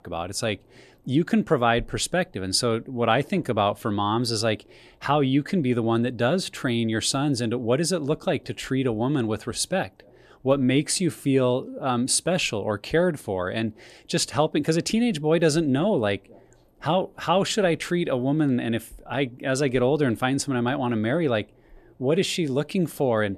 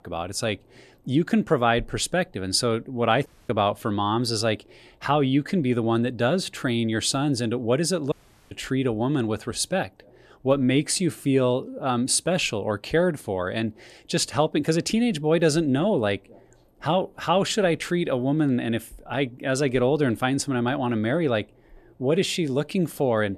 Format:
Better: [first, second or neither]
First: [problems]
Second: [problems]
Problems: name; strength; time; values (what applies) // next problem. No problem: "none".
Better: first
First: none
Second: audio cutting out; at 3.5 s and at 8 s